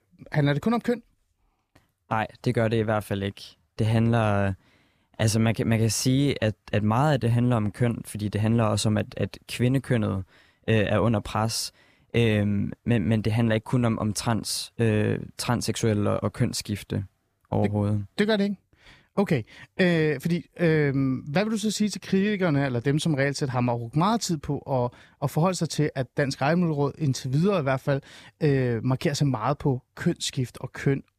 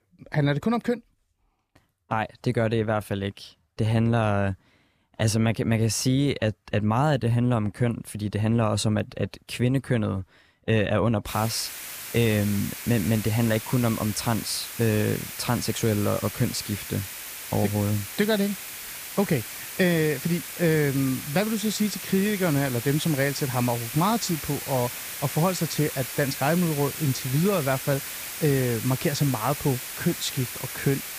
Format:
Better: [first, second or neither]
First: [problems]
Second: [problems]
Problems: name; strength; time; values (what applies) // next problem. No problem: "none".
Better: first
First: none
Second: hiss; loud; from 11 s on; 8 dB below the speech